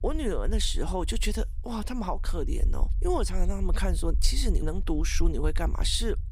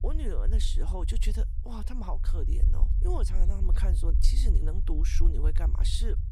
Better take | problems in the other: first | low rumble; loud; throughout; 8 dB below the speech; faint in the first

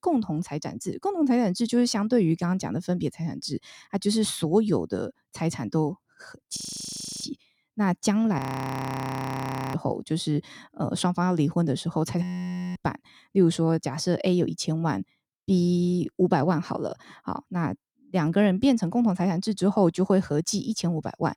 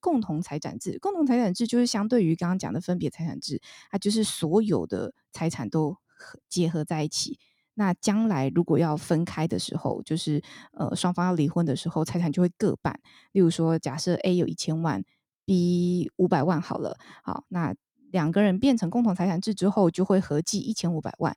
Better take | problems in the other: second | audio freezing; at 6.5 s for 0.5 s, at 8.5 s for 1.5 s and at 12 s for 0.5 s

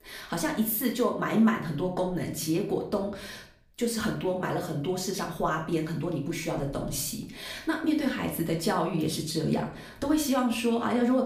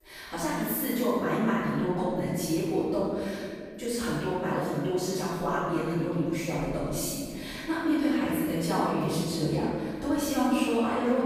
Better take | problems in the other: first | room echo; strong; dies away in 2.2 s; slight in the first // off-mic speech; far; far in the first

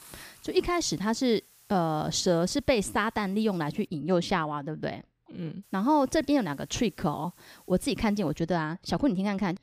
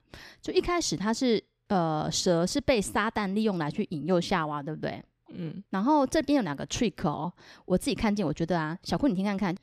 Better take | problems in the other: second | hiss; faint; until 4 s and from 5.5 to 8.5 s; 30 dB below the speech

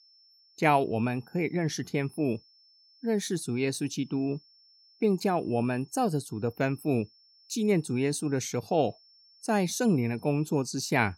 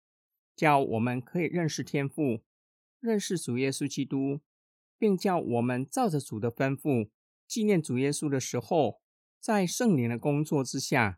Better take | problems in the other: second | high-pitched whine; faint; throughout; 5.5 kHz, 30 dB below the speech

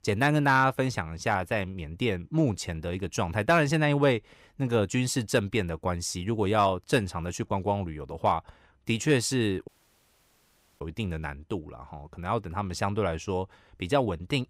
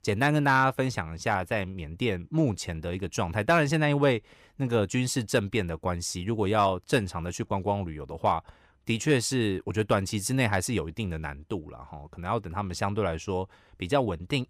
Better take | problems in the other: second | audio cutting out; at 9.5 s for 1 s

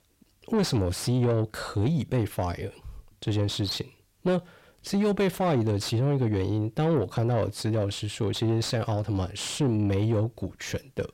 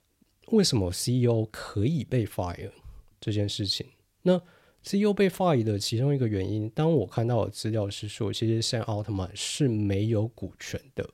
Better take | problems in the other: second | distortion; slight; 10 dB below the speech

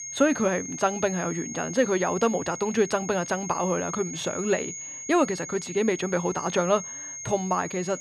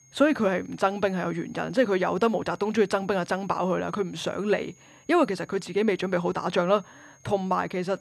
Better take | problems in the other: second | high-pitched whine; loud; throughout; 6.5 kHz, 9 dB below the speech; faint in the second

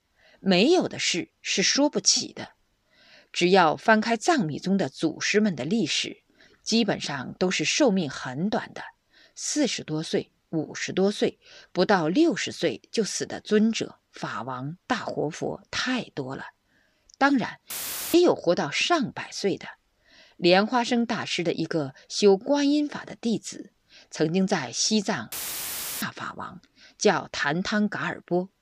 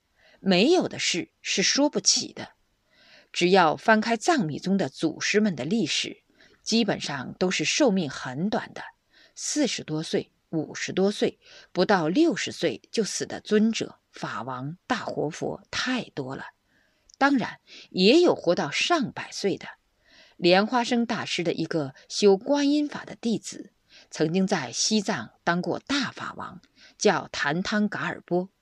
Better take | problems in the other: second | audio cutting out; filled with static; at 18 s and at 25 s for 0.5 s

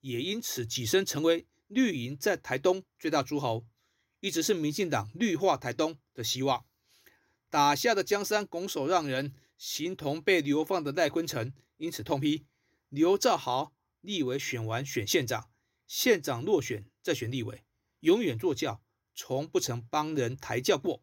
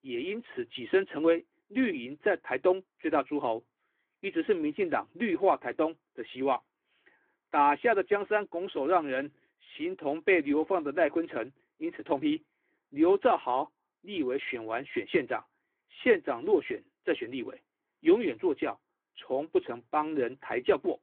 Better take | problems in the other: first | phone-call audio

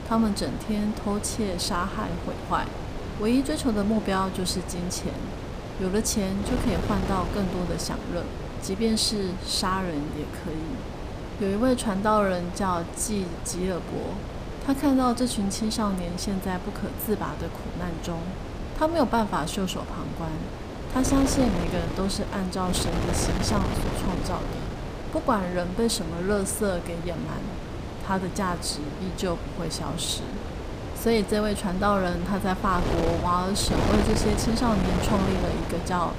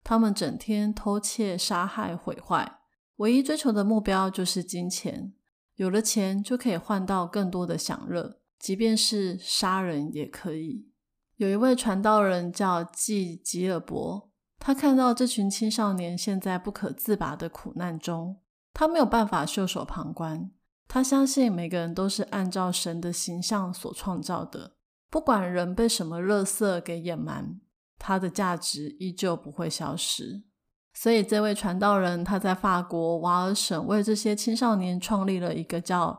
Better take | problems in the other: second | wind noise on the microphone; heavy; 7 dB below the speech

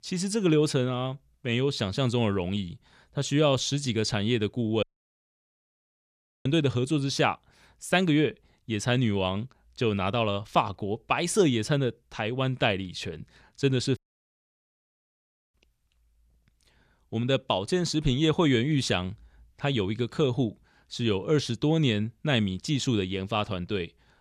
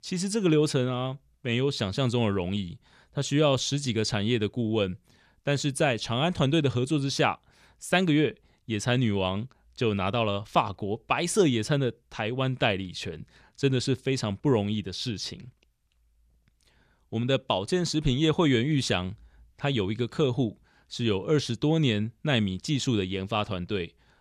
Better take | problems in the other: second | audio cutting out; at 5 s for 1.5 s and at 14 s for 1.5 s

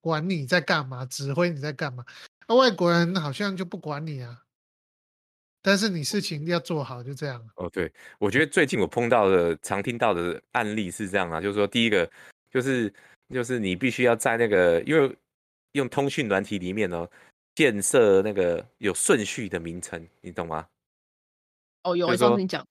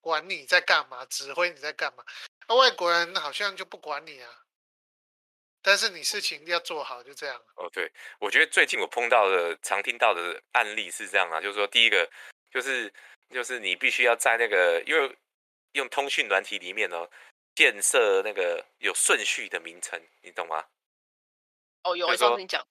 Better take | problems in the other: first | thin; very; fading below 550 Hz

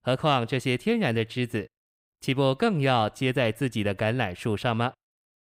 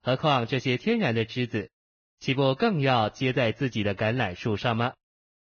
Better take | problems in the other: first | garbled, watery; badly; nothing above 6.5 kHz

